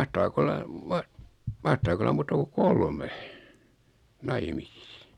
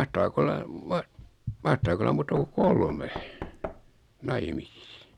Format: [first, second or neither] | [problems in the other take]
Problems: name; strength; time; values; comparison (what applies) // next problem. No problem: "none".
first | background sound (Knock); 14 dB below the speech